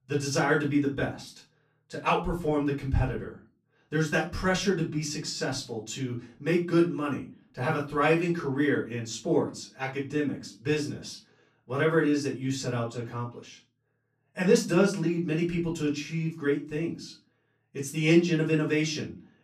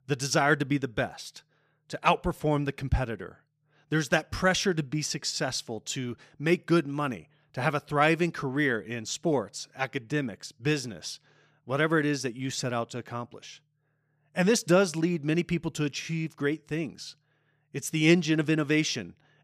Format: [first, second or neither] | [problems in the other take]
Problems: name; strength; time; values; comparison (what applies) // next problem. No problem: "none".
second | off-mic speech; far // room echo; slight; dies away in 0.3 s